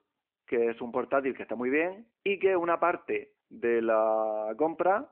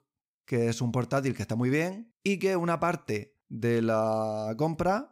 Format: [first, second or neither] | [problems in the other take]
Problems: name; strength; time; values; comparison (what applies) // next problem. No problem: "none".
second | phone-call audio